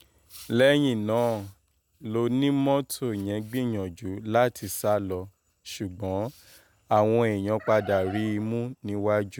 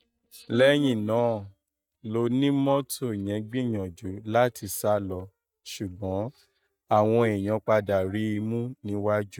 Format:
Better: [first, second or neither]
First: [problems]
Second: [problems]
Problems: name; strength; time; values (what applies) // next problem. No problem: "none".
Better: first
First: none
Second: noise reduction (neural mask model DeepFilterNet 3)